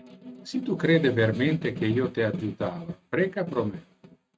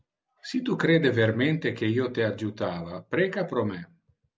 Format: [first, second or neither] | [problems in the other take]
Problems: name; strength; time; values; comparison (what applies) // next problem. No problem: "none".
second | noise reduction (neural mask model RNNoise)